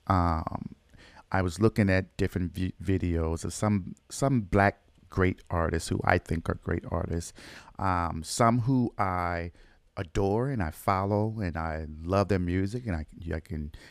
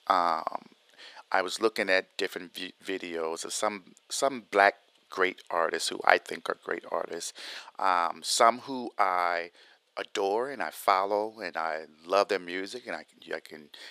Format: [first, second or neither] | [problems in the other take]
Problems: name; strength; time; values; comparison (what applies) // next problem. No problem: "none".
first | thin; very; fading below 450 Hz